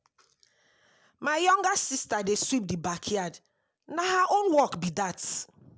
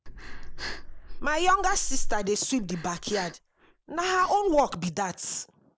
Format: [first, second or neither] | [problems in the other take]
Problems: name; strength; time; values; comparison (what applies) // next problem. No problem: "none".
first | noise reduction (neural mask model Resemble Enhance denoiser)